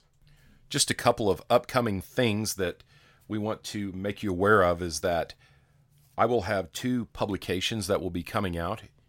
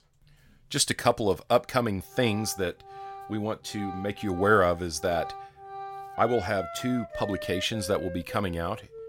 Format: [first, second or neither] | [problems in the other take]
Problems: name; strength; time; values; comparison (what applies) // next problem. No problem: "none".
first | background music; noticeable; from 2 s on; 15 dB below the speech